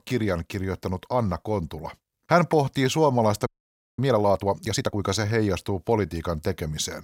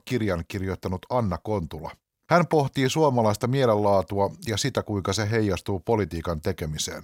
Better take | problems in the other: second | audio freezing; at 3.5 s for 0.5 s

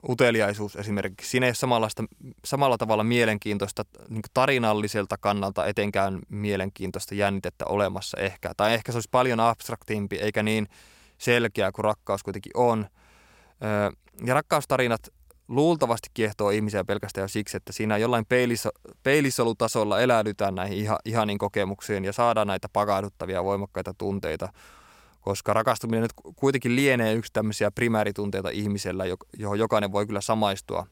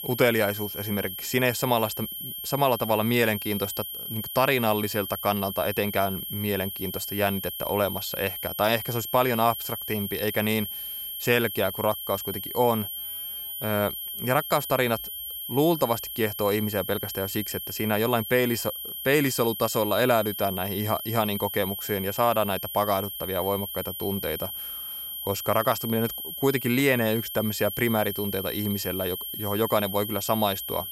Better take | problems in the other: first | high-pitched whine; loud; throughout; 11.5 kHz, 6 dB below the speech

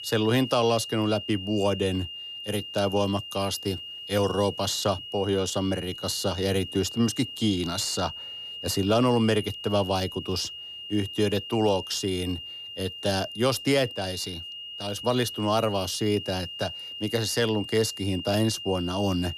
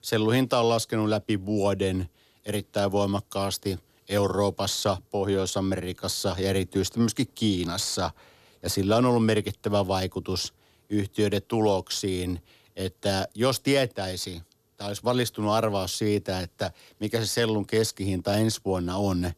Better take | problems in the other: second | high-pitched whine; loud; throughout; 3 kHz, 9 dB below the speech

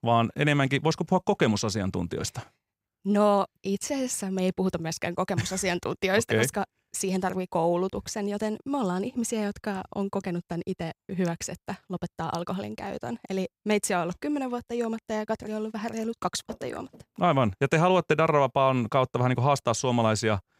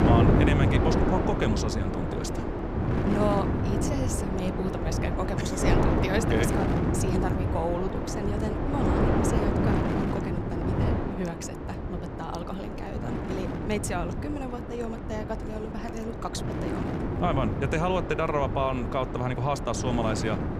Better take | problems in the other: first | wind noise on the microphone; heavy; as loud as the speech

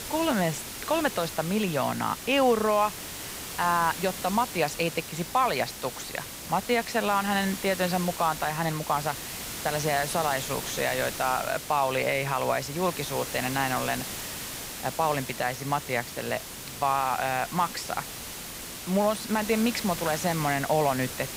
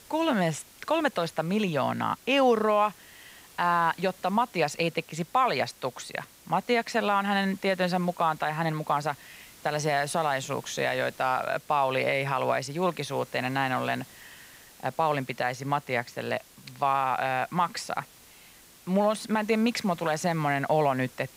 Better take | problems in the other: second | hiss; loud; throughout; 8 dB below the speech; faint in the second

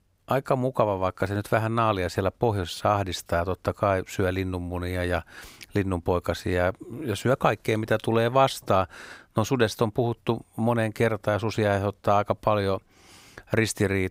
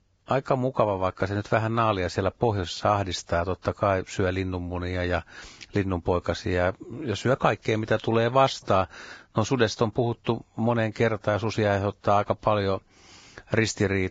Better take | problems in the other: first | garbled, watery; badly; nothing above 7.5 kHz

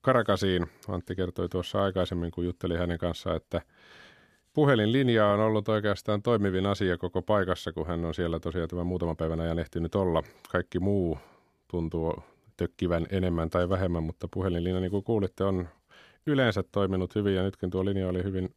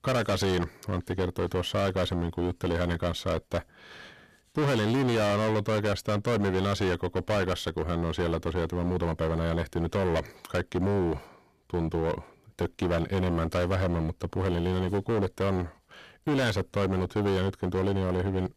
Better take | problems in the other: first | distortion; heavy; 19% of the sound clipped

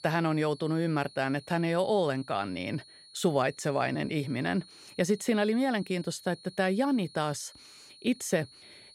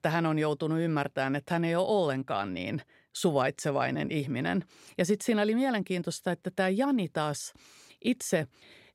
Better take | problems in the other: second | high-pitched whine; faint; throughout; 4.5 kHz, 20 dB below the speech

